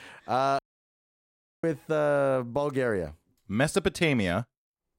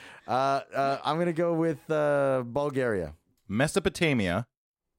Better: second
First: audio cutting out; at 0.5 s for 1 s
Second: none

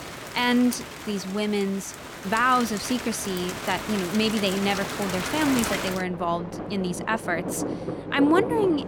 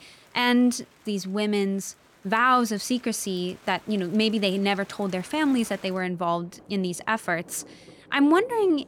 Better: second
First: rain or running water; loud; throughout; 6 dB below the speech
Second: rain or running water; faint; throughout; 25 dB below the speech

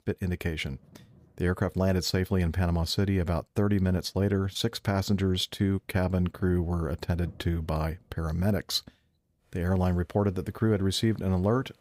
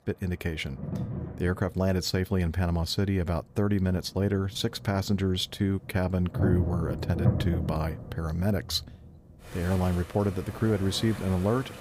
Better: first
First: rain or running water; faint; throughout; 30 dB below the speech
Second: rain or running water; loud; throughout; 6 dB below the speech

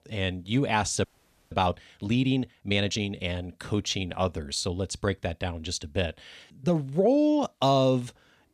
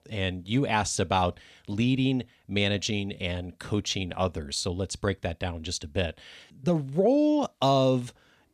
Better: second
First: audio freezing; at 1 s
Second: none

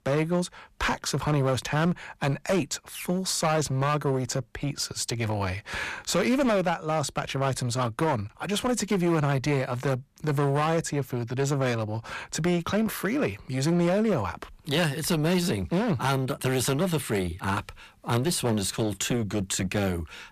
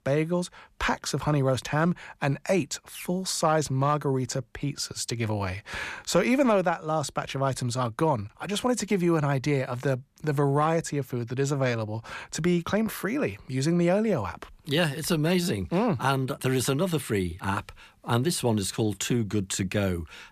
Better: second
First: distortion; slight; 13% of the sound clipped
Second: none

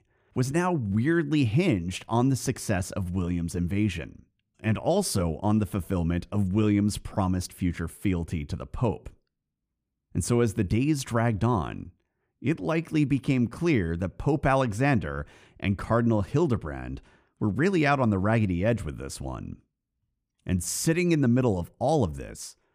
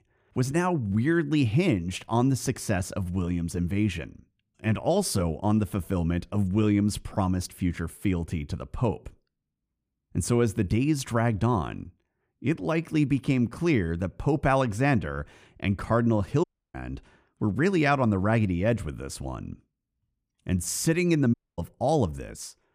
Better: first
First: none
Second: audio cutting out; at 16 s and at 21 s

